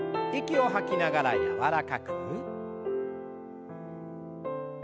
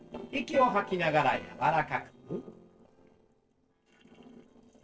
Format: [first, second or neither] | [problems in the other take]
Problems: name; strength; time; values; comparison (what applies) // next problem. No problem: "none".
first | noise reduction (neural separator model SepFormer DNS4)